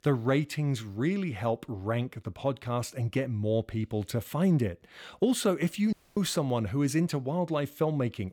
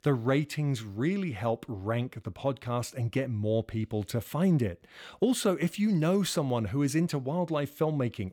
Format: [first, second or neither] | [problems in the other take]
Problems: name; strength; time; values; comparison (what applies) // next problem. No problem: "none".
second | audio cutting out; at 6 s